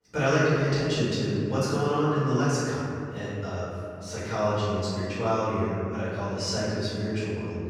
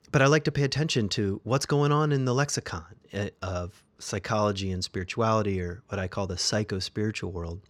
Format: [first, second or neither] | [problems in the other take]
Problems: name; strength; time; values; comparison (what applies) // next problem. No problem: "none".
second | off-mic speech; far // room echo; strong; dies away in 2.3 s